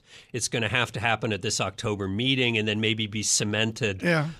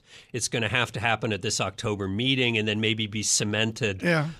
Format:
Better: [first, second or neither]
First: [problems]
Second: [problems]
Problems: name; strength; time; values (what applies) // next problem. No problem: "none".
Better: neither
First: none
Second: none